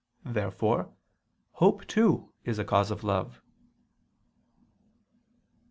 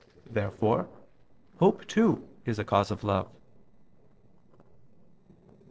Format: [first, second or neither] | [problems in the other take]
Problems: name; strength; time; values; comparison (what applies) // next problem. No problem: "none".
first | noise reduction (neural separator model SepFormer DNS4)